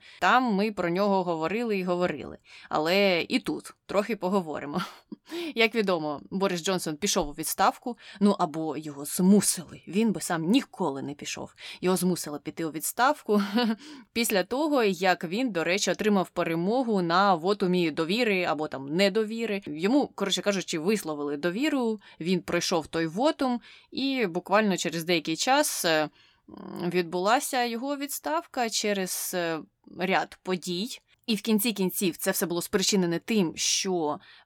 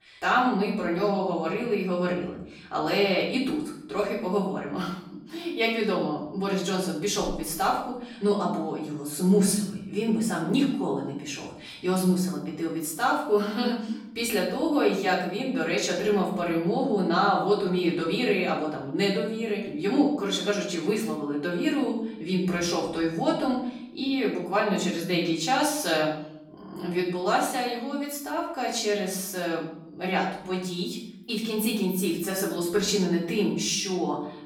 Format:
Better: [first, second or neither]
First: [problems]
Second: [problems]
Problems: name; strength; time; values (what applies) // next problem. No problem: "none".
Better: first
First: none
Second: off-mic speech; far // room echo; noticeable; dies away in 0.6 s